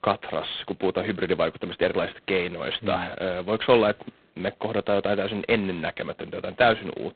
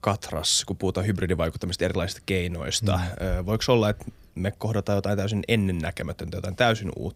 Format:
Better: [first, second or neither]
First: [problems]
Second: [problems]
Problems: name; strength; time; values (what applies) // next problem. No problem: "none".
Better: second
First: phone-call audio; poor line; nothing above 4 kHz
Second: none